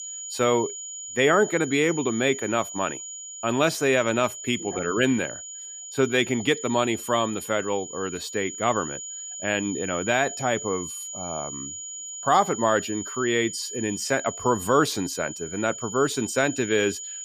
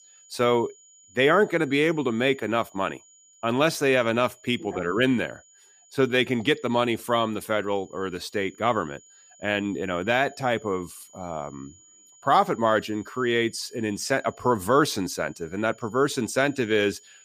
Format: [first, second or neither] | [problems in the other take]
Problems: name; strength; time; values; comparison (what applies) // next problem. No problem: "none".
second | high-pitched whine; loud; throughout; 7 kHz, 9 dB below the speech; faint in the second